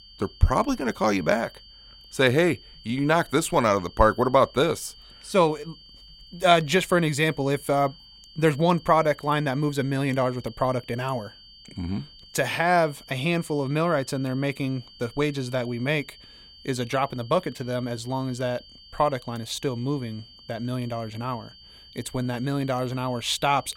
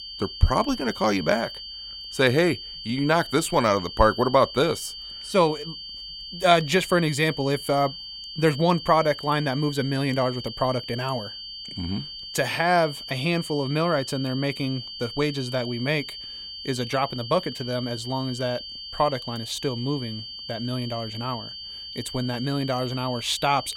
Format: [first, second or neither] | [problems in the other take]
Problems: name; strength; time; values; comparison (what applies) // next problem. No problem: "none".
first | high-pitched whine; loud; throughout; 4.5 kHz, 10 dB below the speech; faint in the first